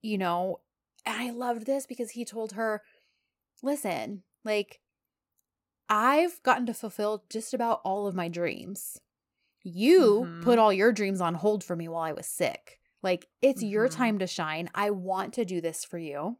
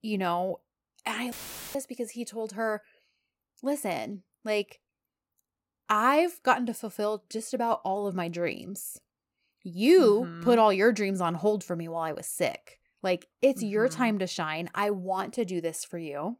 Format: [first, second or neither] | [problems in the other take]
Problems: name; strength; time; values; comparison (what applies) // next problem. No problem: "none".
first | audio cutting out; filled with static; at 1.5 s